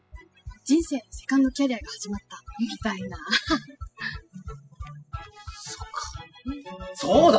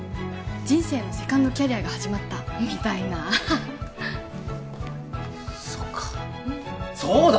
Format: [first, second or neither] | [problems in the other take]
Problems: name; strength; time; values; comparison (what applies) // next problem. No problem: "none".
second | noise reduction (classical method spectral subtraction)